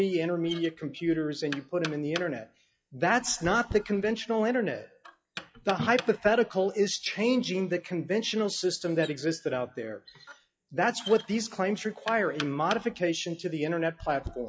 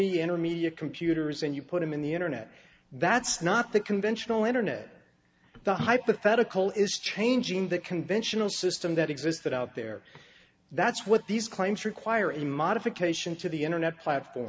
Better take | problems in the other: second | noise reduction (classical method log-MMSE)

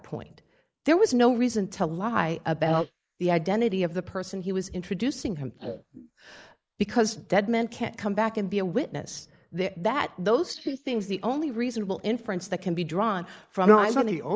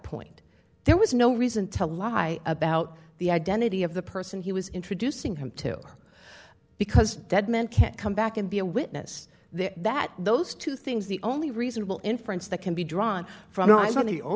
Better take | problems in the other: second | noise reduction (neural mask model Resemble Enhance denoiser)

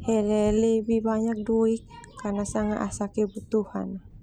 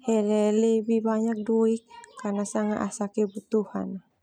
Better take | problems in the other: second | background sound (Thunder); 17 dB below the speech

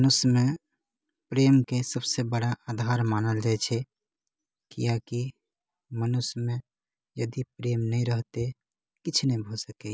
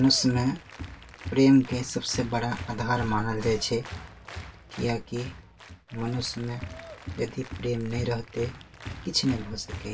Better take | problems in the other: first | background sound (Applause); 13 dB below the speech // room echo; dies away in 0.1 s

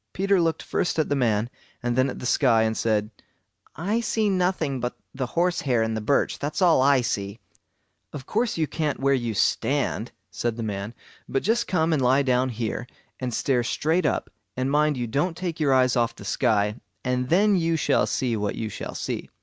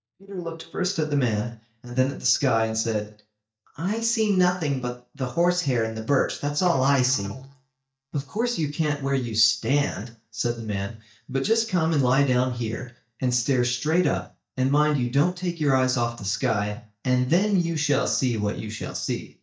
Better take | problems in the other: first | noise reduction (neural mask model DeepFilterNet 3)

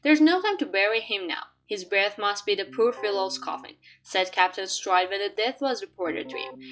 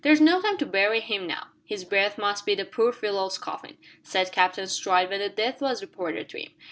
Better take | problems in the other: second | noise reduction (classical method log-MMSE)

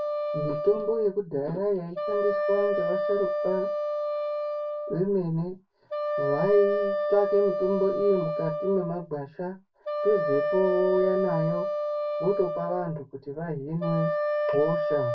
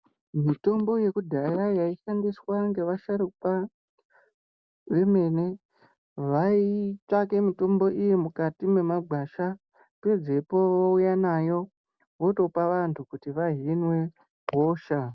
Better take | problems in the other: second | background sound (Wind instrument, woodwind instrument); 1 dB below the speech // room echo; dies away in 0.2 s

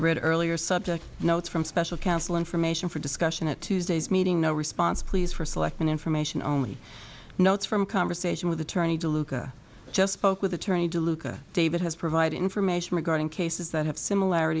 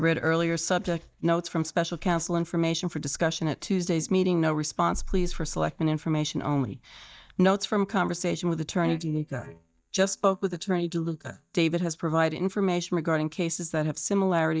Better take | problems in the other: first | noise reduction (neural mask model DeepFilterNet 3)

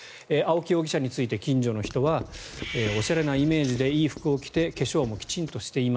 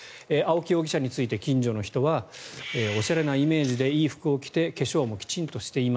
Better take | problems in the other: second | background sound (Writing); 16 dB below the speech

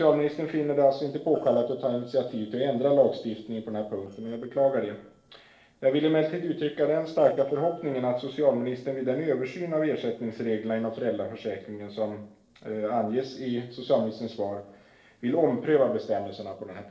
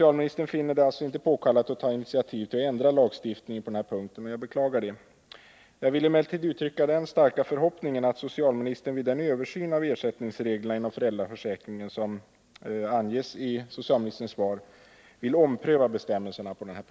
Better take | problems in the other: second | noise reduction (neural separator model SepFormer DNS4)

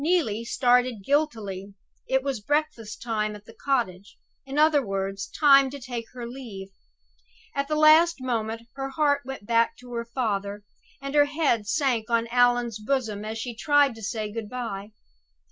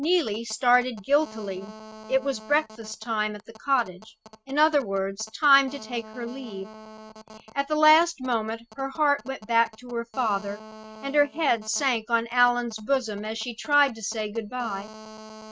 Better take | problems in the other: first | noise reduction (neural mask model RNNoise)

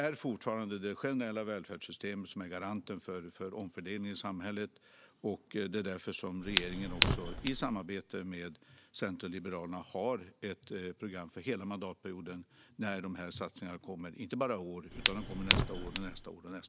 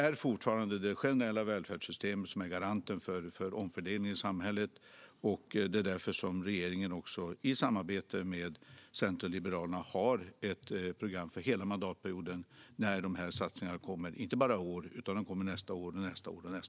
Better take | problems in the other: second | background sound (Fire); 4 dB above the speech

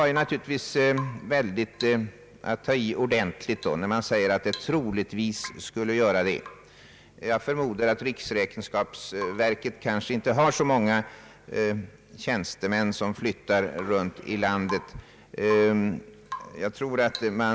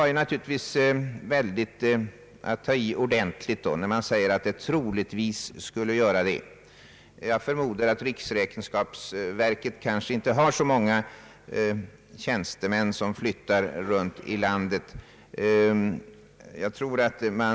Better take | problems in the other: second | background sound (Drip / Water tap, faucet / Rain); 19 dB below the speech

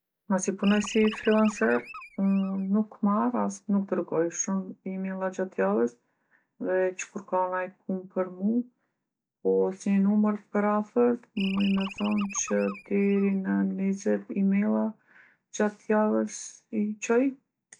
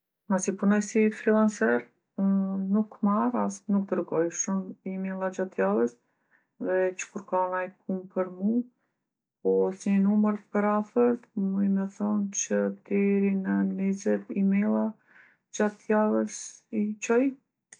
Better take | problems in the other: second | background sound (Animal); 14 dB below the speech

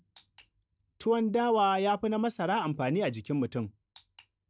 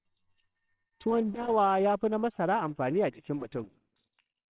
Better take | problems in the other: first | noise reduction (neural separator model SepFormer WHAMR!)

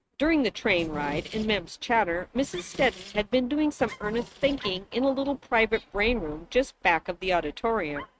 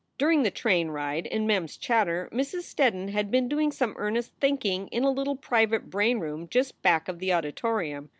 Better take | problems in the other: second | noise reduction (neural mask model RNNoise)

